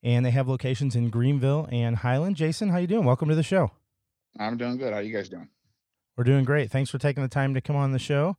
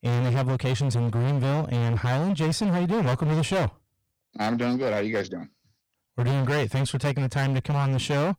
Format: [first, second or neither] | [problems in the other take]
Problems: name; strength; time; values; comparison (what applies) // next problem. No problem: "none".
first | distortion; heavy; 31% of the sound clipped